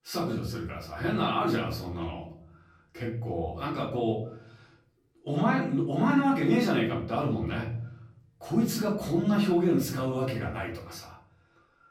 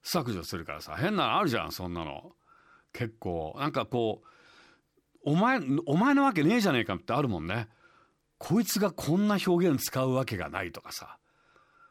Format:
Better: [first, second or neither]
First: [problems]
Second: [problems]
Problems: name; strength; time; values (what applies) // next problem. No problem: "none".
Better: second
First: off-mic speech; far // room echo; slight; dies away in 0.8 s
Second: none